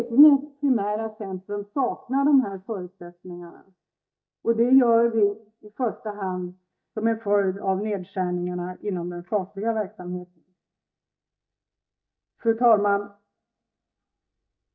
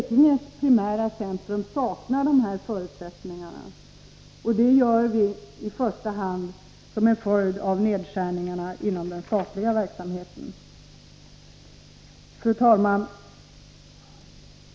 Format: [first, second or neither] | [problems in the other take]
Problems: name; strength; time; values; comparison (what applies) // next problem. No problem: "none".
second | noise reduction (neural mask model DeepFilterNet 3)